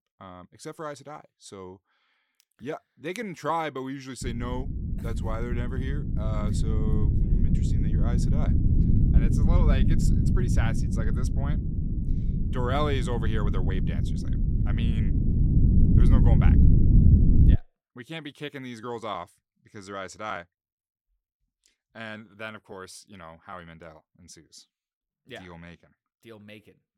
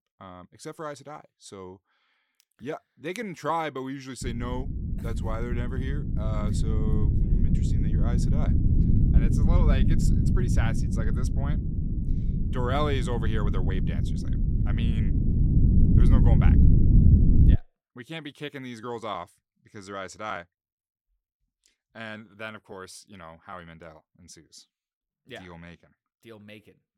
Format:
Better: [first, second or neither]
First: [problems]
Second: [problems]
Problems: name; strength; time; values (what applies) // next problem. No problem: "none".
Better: neither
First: low rumble; loud; from 4 to 18 s; 1 dB below the speech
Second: low rumble; loud; from 4 to 18 s; 1 dB below the speech